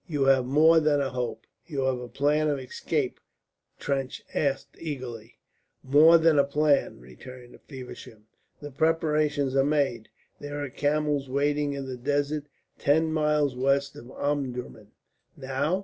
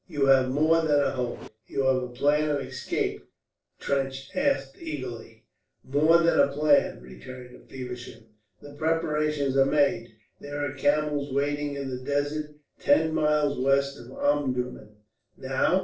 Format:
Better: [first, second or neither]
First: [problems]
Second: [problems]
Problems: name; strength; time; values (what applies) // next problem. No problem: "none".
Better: first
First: none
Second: noise reduction (neural separator model SepFormer DNS4)